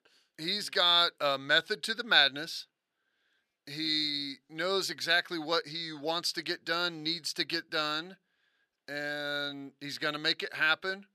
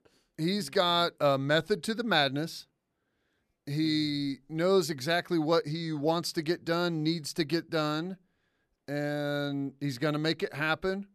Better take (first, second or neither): second